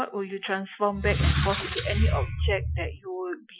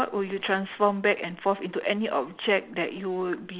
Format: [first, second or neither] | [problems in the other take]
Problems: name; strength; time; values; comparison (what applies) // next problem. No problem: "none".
second | noise reduction (classical method Wiener filter)